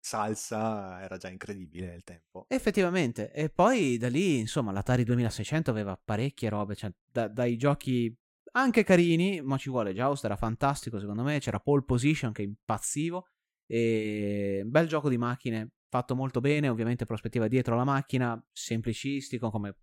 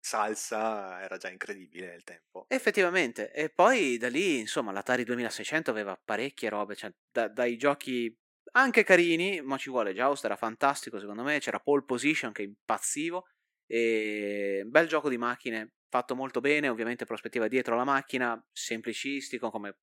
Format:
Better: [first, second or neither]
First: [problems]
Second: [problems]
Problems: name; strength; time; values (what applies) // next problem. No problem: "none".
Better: first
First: none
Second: thin; somewhat; fading below 300 Hz